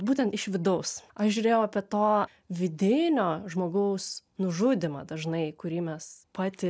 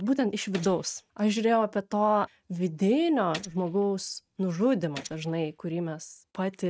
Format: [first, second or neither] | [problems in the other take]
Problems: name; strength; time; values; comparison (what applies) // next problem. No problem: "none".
first | noise reduction (neural mask model RNNoise)